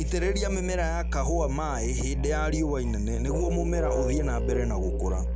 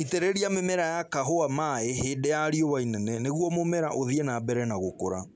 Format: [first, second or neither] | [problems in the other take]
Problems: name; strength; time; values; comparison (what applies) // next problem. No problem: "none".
second | background sound (Musical instrument); 2 dB above the speech